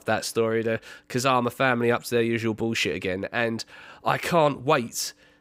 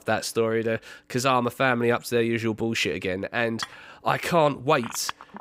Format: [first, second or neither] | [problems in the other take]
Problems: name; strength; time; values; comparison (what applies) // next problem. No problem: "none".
first | clattering dishes; faint; at 3.5 s; peak 10 dB below the speech // phone ringing; faint; at 4.5 s; peak 10 dB below the speech